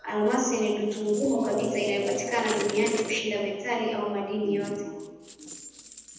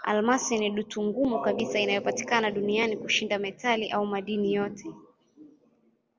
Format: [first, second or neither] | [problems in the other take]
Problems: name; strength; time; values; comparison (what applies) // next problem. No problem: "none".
second | background sound (Coin (dropping)); 15 dB below the speech // room echo; dies away in 1.1 s